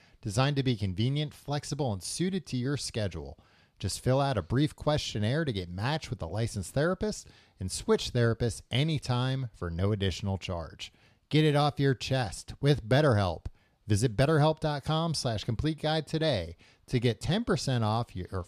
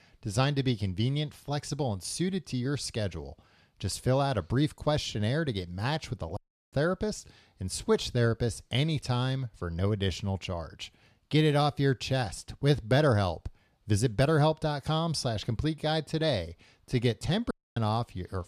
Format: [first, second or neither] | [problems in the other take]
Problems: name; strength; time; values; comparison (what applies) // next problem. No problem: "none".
first | audio cutting out; at 6.5 s and at 18 s